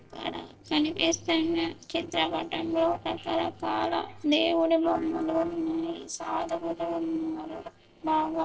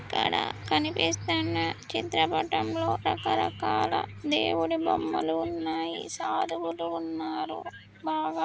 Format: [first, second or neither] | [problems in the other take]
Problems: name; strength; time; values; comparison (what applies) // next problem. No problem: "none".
second | noise reduction (neural separator model SepFormer DNS4)